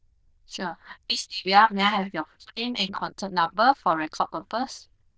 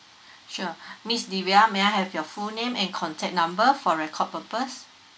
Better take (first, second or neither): second